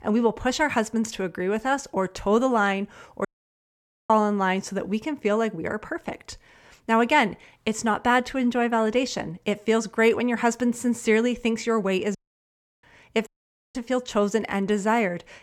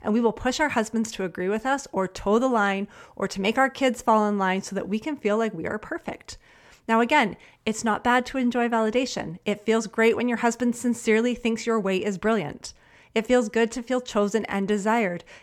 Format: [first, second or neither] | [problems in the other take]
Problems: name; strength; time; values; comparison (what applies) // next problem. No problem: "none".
second | audio cutting out; at 3.5 s for 1 s, at 12 s for 0.5 s and at 13 s